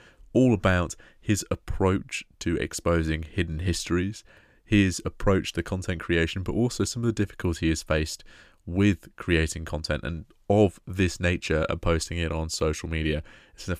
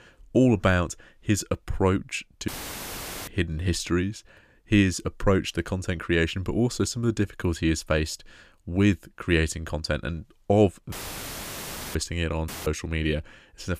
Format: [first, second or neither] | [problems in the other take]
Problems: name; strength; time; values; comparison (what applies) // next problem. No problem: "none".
first | audio cutting out; filled with static; at 2.5 s for 1 s, at 11 s for 1 s and at 12 s